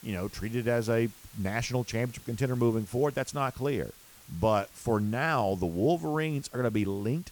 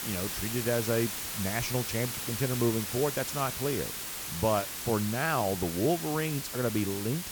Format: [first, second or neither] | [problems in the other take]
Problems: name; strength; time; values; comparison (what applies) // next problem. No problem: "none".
first | hiss; loud; throughout; 3 dB below the speech; faint in the first